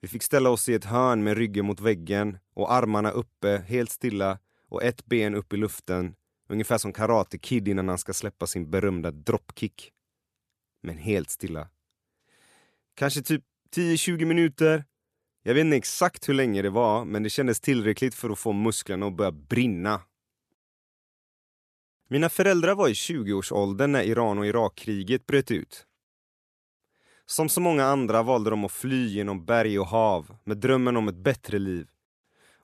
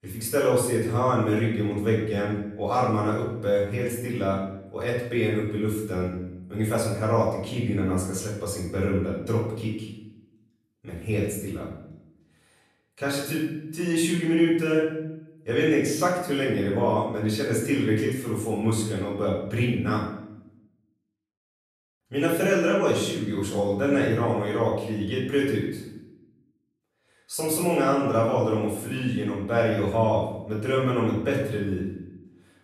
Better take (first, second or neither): first